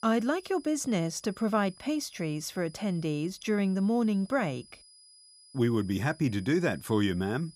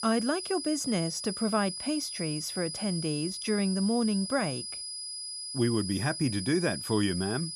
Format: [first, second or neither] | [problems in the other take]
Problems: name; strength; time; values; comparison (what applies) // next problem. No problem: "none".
first | high-pitched whine; loud; throughout; 5 kHz, 5 dB below the speech; faint in the first